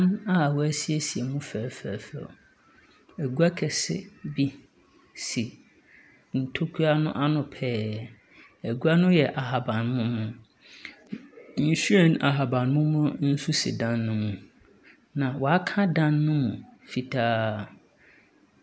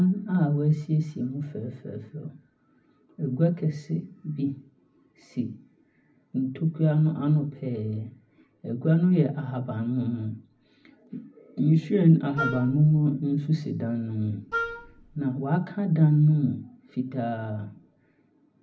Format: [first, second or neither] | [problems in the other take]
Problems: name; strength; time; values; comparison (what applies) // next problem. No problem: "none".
first | background sound (Wind instrument, woodwind instrument); 8 dB below the speech // room echo; dies away in 0.4 s